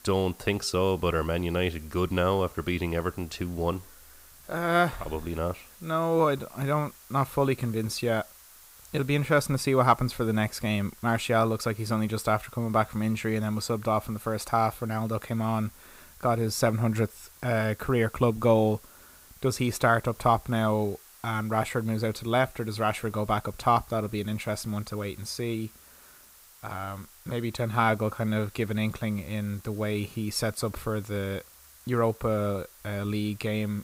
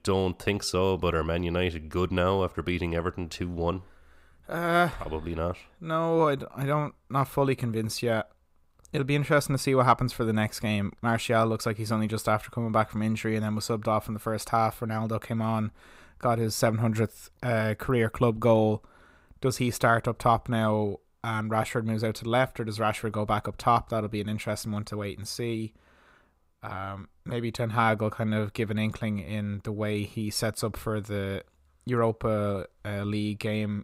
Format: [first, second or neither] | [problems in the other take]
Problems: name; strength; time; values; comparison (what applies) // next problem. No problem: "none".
second | hiss; faint; throughout; 20 dB below the speech